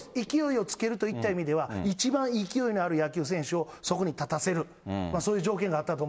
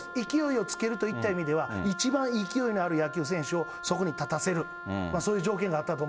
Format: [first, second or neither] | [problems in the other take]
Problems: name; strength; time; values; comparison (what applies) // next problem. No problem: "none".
first | background sound (Wind instrument, woodwind instrument); 11 dB below the speech